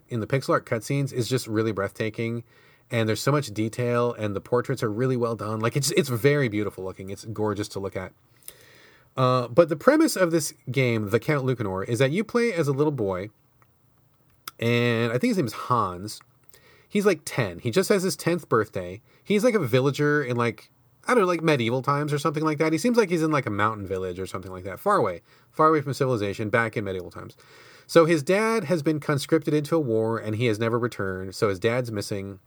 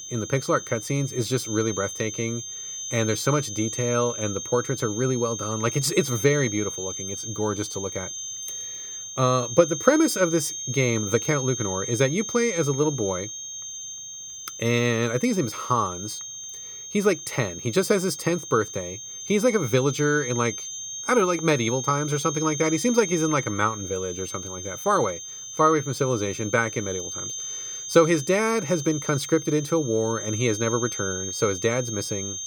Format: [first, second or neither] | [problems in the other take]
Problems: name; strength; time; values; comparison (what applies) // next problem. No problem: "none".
first | high-pitched whine; loud; throughout; 6.5 kHz, 7 dB below the speech